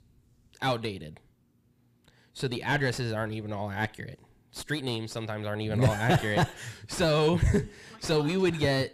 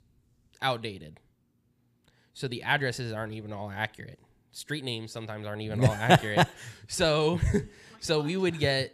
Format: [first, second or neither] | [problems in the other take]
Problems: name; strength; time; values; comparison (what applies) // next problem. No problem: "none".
second | distortion; heavy; 6 dB below the speech